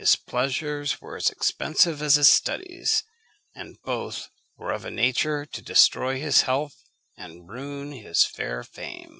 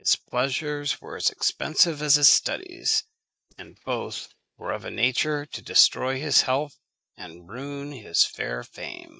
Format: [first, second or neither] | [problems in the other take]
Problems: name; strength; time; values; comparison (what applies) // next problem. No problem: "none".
first | noise reduction (neural mask model DeepFilterNet 3)